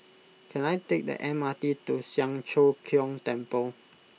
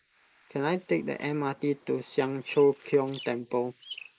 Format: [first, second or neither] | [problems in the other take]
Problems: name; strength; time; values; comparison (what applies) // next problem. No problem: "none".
first | noise reduction (neural mask model Resemble Enhance denoiser)